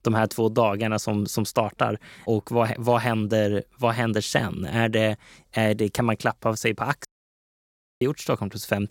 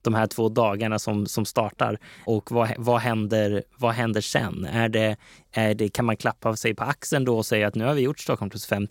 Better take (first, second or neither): second